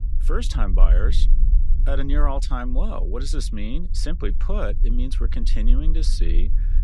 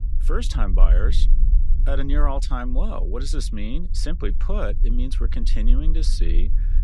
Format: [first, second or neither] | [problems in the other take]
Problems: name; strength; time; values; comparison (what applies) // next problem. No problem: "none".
neither | low rumble; noticeable; throughout; 15 dB below the speech; the same in both